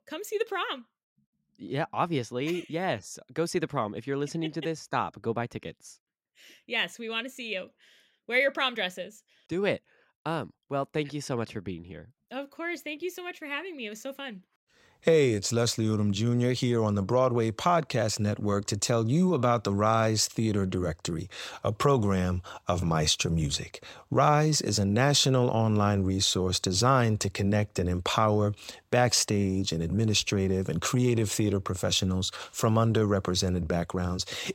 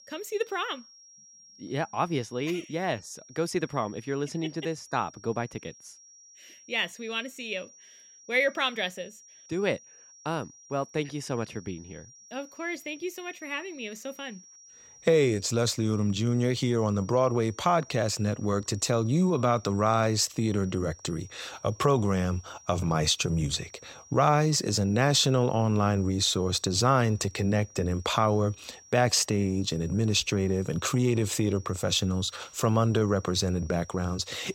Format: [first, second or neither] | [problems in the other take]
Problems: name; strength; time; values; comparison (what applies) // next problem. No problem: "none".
first | high-pitched whine; faint; throughout; 5.5 kHz, 25 dB below the speech